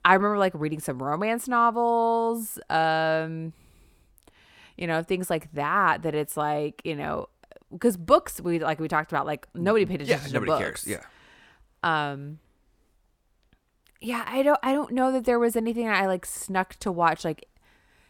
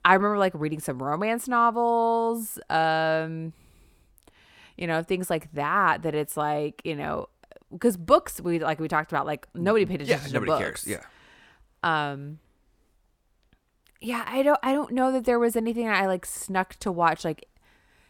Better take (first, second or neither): neither